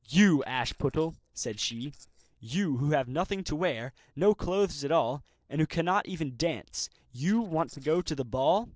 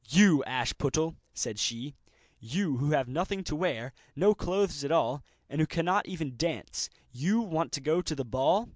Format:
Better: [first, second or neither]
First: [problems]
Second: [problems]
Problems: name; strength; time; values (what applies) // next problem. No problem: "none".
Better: second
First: noise reduction (neural separator model SepFormer DNS4)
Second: none